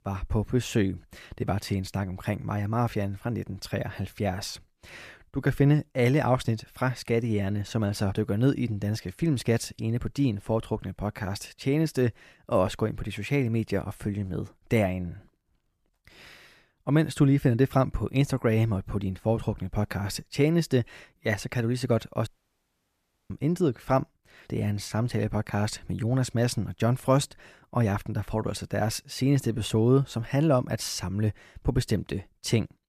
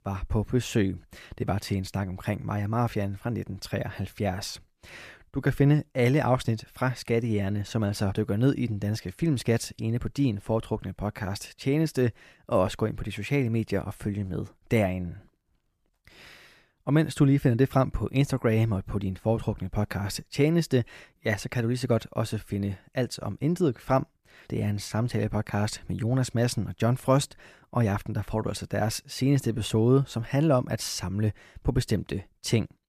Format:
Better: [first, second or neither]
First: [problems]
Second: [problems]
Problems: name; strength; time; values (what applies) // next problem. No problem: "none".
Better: second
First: audio cutting out; at 22 s for 1 s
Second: none